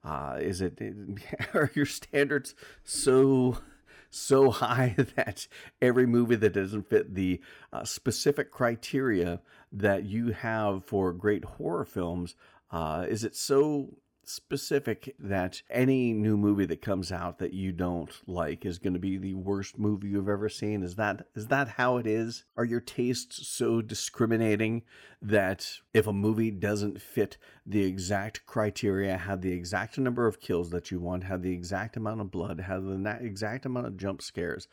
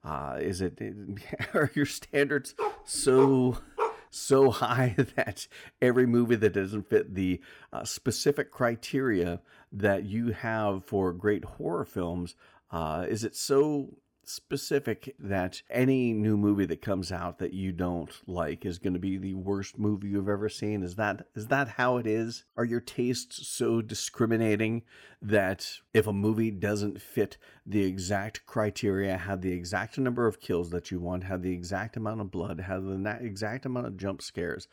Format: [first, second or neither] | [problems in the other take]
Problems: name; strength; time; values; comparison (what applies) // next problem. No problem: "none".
first | dog barking; noticeable; from 2.5 to 4 s; peak 3 dB below the speech